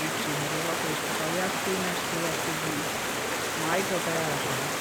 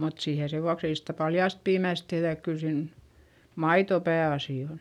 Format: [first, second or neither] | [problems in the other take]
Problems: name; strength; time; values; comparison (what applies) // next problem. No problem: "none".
second | background sound (Stream); 4 dB above the speech